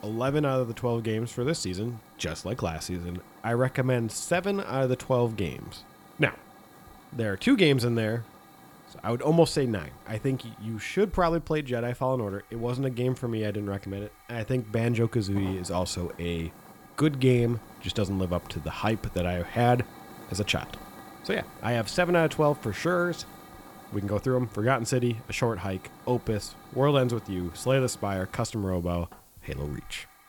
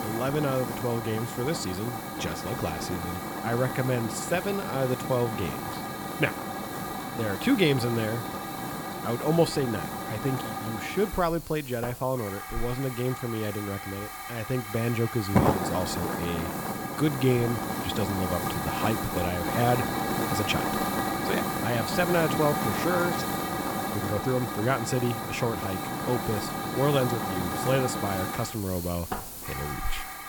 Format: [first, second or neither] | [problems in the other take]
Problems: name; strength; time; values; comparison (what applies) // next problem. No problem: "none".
first | hiss; loud; throughout; 2 dB below the speech; faint in the first